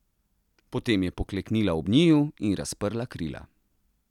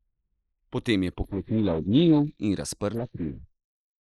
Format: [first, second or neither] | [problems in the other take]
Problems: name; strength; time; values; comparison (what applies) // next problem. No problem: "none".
first | noise reduction (neural mask model Resemble Enhance denoiser)